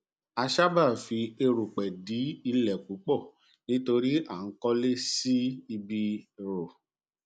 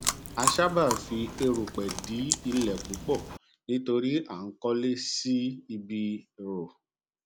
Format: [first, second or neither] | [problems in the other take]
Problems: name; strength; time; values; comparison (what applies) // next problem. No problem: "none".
first | background sound (Chewing, mastication); 4 dB below the speech